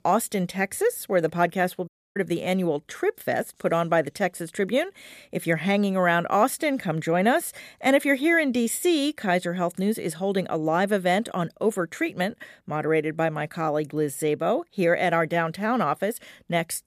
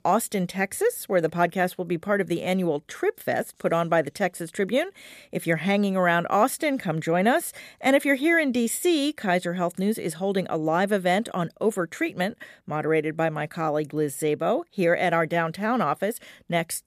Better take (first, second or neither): second